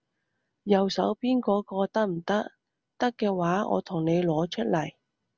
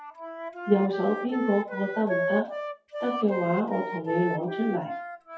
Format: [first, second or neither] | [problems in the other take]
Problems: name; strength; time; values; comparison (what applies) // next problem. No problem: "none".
first | noise reduction (classical method WPE with log-MMSE)